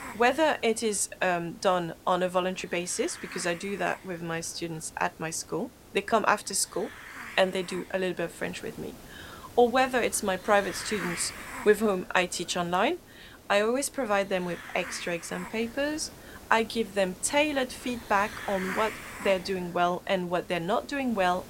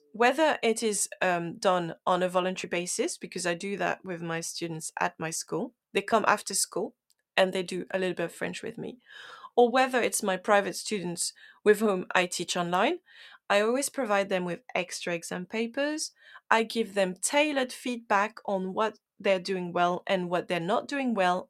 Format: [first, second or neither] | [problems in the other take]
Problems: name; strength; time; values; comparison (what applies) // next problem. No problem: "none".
second | hiss; noticeable; throughout; 15 dB below the speech